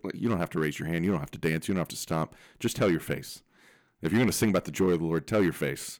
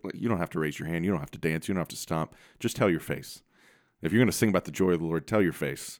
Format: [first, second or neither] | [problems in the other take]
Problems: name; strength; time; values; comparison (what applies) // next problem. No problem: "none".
second | distortion; slight; 3% of the sound clipped